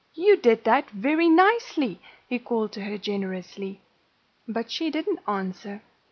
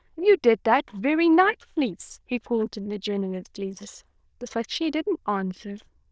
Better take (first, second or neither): first